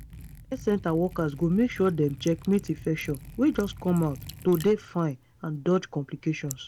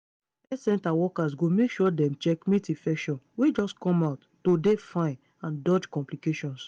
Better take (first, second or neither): second